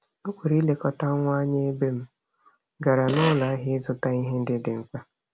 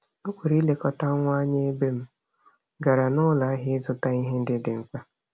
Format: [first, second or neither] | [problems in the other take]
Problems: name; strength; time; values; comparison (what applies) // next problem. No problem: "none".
second | background sound (Fart); 9 dB below the speech